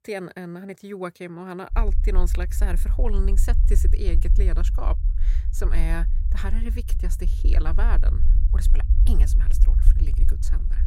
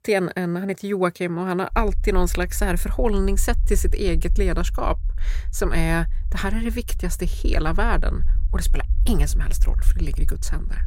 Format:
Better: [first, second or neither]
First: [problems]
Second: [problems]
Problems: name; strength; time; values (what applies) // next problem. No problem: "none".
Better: second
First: low rumble; loud; from 2 s on; 10 dB below the speech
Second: low rumble; faint; from 2 s on; 25 dB below the speech